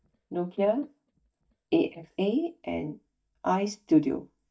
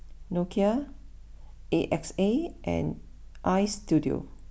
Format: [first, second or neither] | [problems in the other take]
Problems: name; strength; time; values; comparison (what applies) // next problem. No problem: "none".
second | noise reduction (neural mask model DeepFilterNet 3)